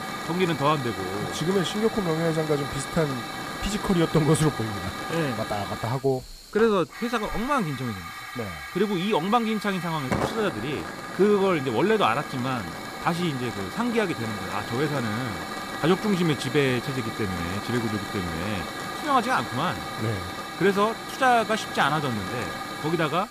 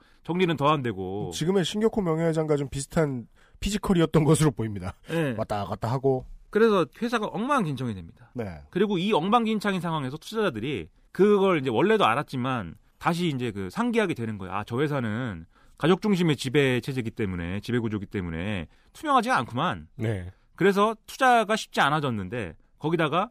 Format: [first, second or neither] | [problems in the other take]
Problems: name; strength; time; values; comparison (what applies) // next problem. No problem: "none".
second | hiss; loud; throughout; 7 dB below the speech